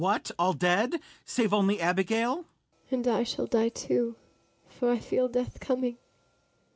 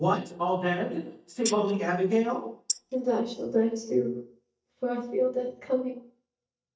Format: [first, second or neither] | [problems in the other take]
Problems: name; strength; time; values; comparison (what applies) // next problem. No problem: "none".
first | noise reduction (neural mask model DeepFilterNet 3)